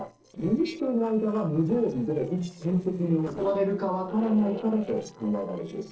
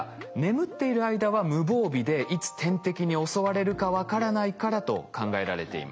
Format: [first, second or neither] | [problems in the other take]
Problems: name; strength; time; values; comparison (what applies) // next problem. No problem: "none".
second | noise reduction (neural separator model SepFormer DNS4)